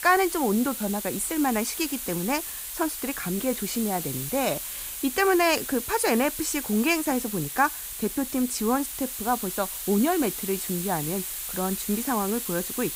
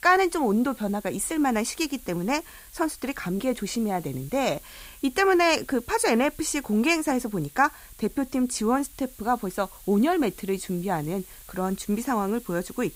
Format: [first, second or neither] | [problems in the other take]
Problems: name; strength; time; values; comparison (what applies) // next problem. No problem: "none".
second | hiss; loud; throughout; 5 dB below the speech; faint in the second